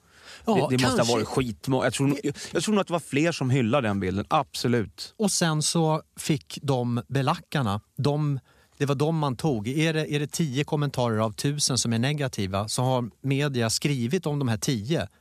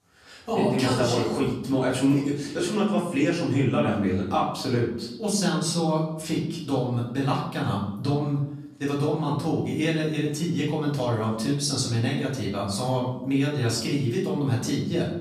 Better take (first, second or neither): first